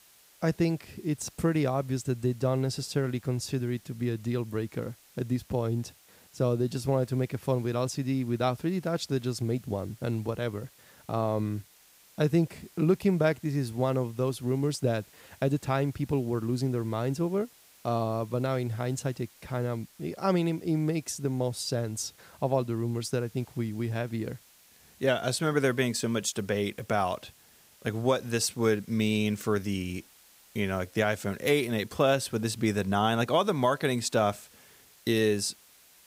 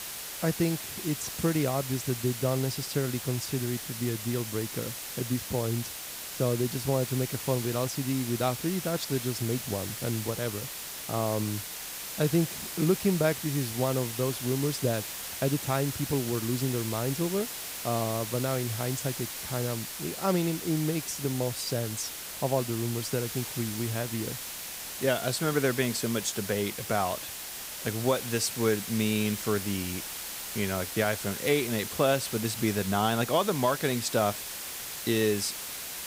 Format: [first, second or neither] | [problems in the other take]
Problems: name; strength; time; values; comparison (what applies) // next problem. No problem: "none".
first | hiss; loud; throughout; 5 dB below the speech; faint in the first